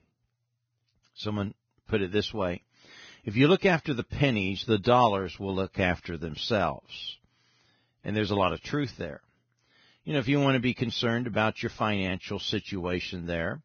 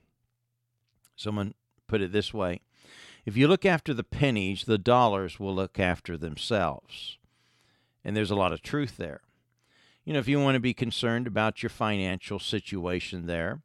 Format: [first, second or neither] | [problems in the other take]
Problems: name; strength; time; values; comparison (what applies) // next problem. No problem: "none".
second | garbled, watery; badly; nothing above 6.5 kHz